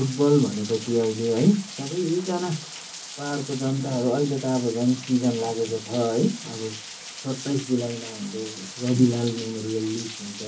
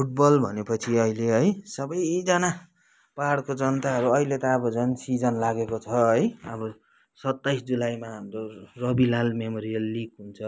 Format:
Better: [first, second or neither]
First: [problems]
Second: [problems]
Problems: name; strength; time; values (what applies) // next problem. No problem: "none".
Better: second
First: background sound (Rain); 13 dB below the speech // room echo; dies away in 0.3 s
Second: none